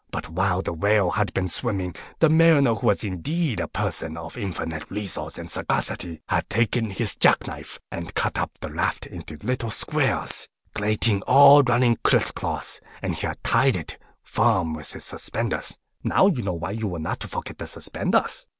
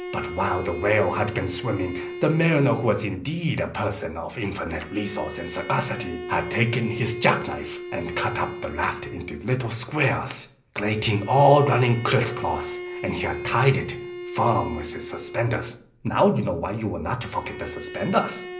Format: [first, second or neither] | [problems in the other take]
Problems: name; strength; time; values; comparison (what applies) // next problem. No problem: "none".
first | background sound (Bowed string instrument); 12 dB below the speech // room echo; dies away in 0.5 s